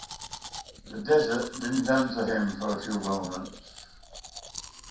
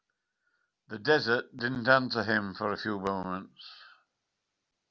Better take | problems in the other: second | background sound (Domestic sounds, home sounds); 13 dB below the speech // room echo; dies away in 0.6 s

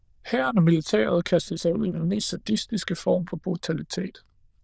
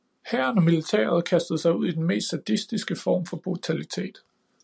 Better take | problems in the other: second | noise reduction (neural diffusion model UNIVERSE++)

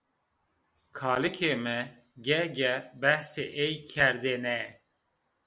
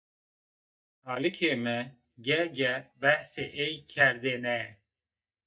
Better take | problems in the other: first | noise reduction (neural mask model DeepFilterNet 3)

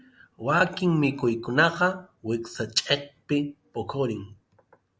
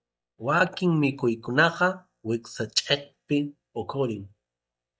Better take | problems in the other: first | noise reduction (neural mask model DeepFilterNet 3)

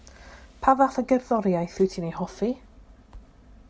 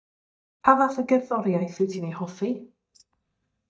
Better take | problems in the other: first | noise reduction (neural mask model DeepFilterNet 3)

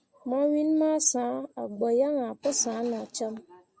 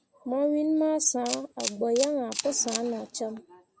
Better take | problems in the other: first | background sound (Camera); 9 dB below the speech

